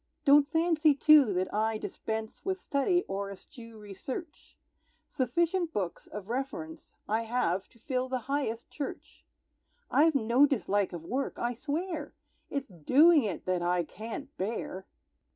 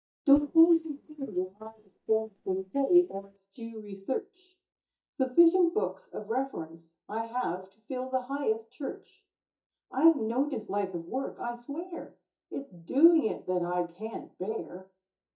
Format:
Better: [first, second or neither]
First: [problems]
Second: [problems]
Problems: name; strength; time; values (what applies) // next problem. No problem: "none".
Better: first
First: none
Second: noise reduction (neural mask model DeepFilterNet 3)